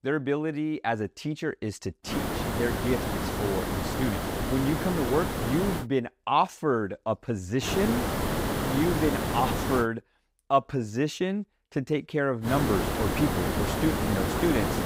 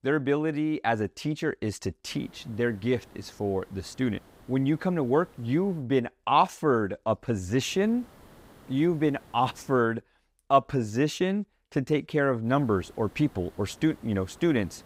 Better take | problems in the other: second | hiss; loud; from 2 to 6 s, from 7.5 to 10 s and from 12 s on; 1 dB below the speech; faint in the second

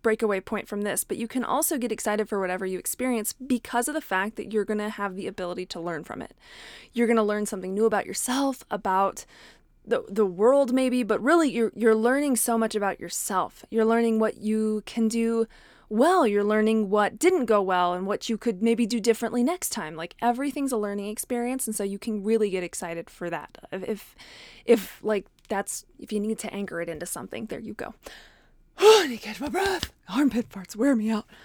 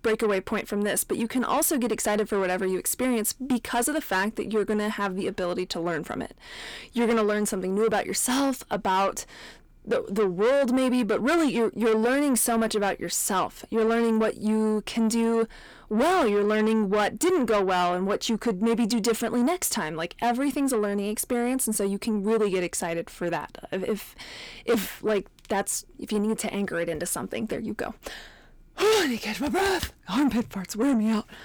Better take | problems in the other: first | distortion; heavy; 8 dB below the speech

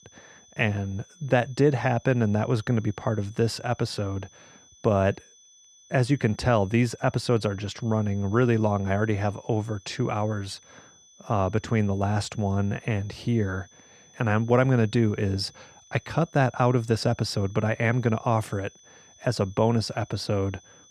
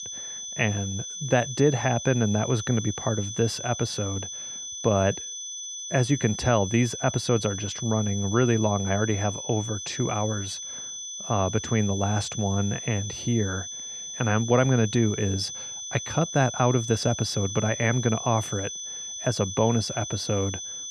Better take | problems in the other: first | high-pitched whine; loud; throughout; 6 kHz, 7 dB below the speech; faint in the first

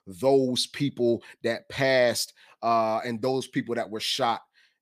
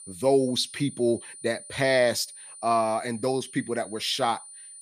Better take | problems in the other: first | high-pitched whine; noticeable; throughout; 9.5 kHz, 15 dB below the speech

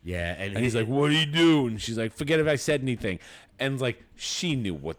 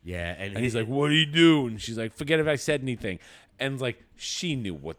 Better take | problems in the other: second | distortion; slight; 10 dB below the speech

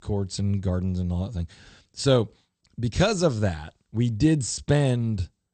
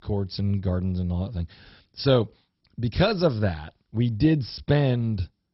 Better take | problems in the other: first | garbled, watery; badly; nothing above 5.5 kHz; slightly in the first

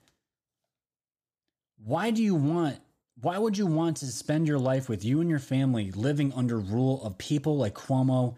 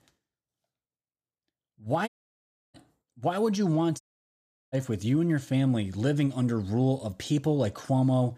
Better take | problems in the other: first | audio cutting out; at 2 s for 0.5 s and at 4 s for 0.5 s

